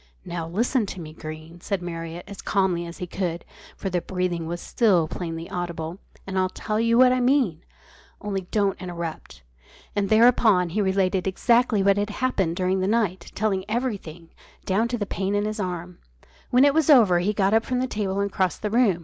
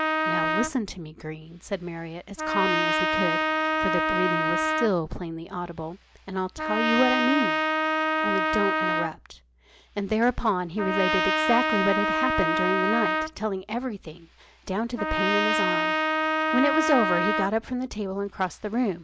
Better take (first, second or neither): first